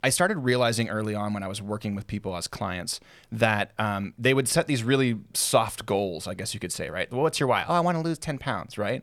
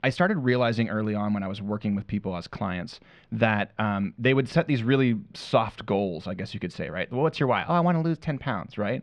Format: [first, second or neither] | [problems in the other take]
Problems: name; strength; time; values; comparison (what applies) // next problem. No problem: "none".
first | muffled; slightly; fading above 3.5 kHz